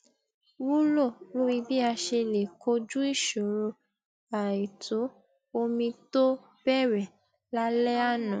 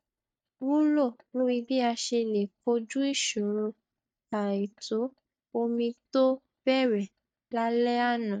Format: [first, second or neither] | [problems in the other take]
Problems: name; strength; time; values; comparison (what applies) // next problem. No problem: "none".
first | noise reduction (neural mask model DeepFilterNet 3)